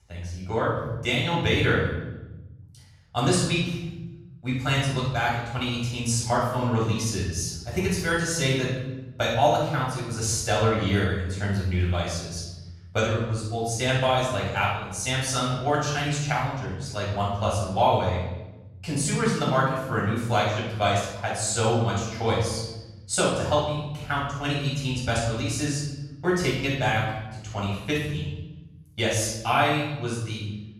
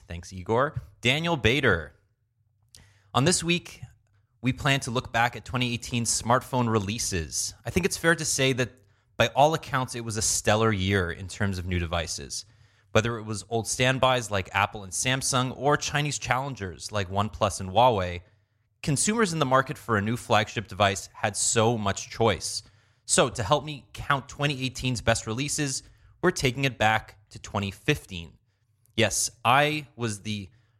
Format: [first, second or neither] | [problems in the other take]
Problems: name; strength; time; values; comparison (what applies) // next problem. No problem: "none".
second | off-mic speech; far // room echo; noticeable; dies away in 1.2 s